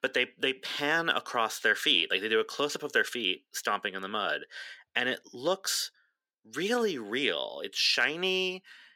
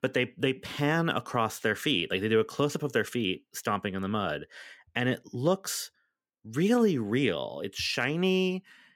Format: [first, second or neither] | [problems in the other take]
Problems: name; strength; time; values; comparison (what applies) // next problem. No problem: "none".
second | thin; somewhat; fading below 400 Hz